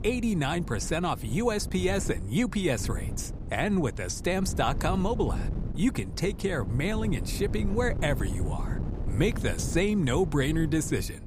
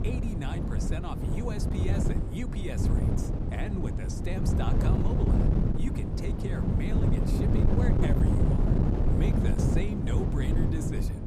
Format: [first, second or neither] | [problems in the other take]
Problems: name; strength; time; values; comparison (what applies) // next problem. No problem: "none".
first | wind noise on the microphone; heavy; 4 dB above the speech; occasional gusts in the first